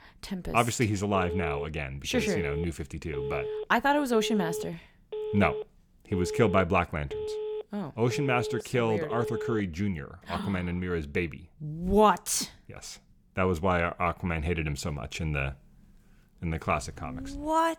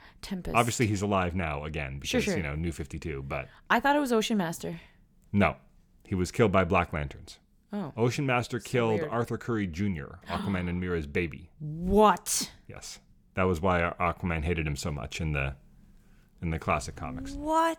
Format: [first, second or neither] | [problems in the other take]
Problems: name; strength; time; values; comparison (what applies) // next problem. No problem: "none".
second | phone ringing; noticeable; from 1 to 9.5 s; peak 5 dB below the speech